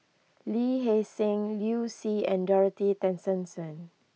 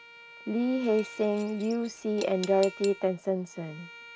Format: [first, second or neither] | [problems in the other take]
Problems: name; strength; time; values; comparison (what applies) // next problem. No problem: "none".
first | background sound (Bowed string instrument + Cutlery, silverware / Dishes, pots, and pans); 17 dB below the speech